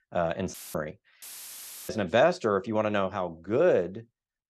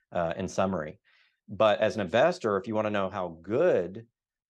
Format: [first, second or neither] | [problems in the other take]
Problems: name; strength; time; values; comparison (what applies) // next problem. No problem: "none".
second | audio cutting out; filled with static; at 0.5 s and at 1 s for 0.5 s